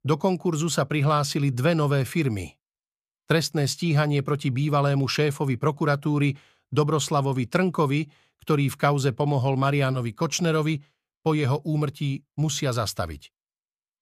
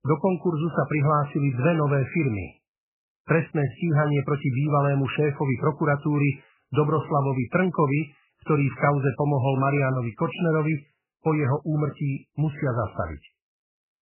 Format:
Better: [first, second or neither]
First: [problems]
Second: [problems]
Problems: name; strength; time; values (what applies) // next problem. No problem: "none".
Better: first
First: none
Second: garbled, watery; badly; nothing above 3 kHz